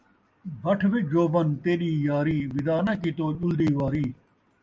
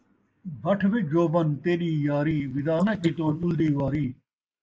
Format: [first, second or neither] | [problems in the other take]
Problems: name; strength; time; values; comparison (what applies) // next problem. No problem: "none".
first | noise reduction (neural mask model Resemble Enhance denoiser)